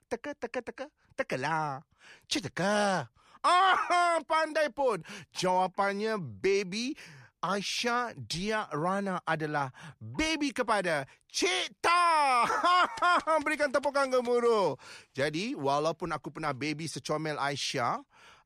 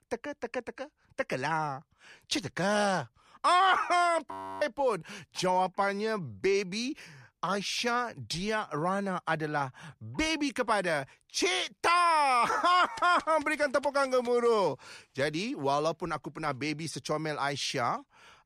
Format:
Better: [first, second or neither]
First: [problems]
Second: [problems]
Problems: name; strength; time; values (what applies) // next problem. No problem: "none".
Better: first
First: none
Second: audio freezing; at 4.5 s